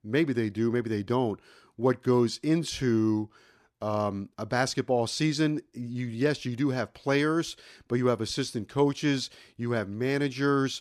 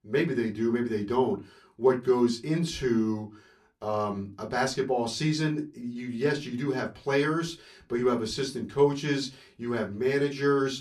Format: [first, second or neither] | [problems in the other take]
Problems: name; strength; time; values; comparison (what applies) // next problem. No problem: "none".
first | off-mic speech; somewhat distant // room echo; very slight; dies away in 0.2 s